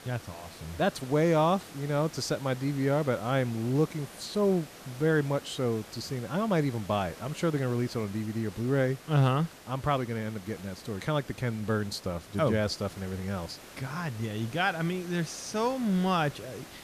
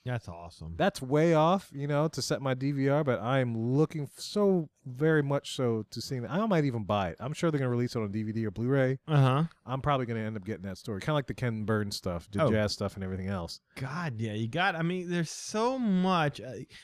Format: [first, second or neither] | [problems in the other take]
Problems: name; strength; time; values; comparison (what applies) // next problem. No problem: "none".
second | hiss; noticeable; throughout; 15 dB below the speech